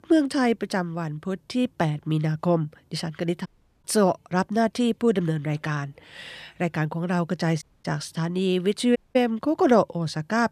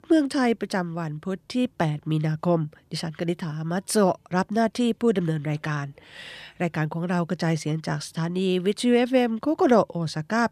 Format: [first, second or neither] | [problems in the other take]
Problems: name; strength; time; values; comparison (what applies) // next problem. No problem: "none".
second | audio cutting out; at 3.5 s, at 7.5 s and at 9 s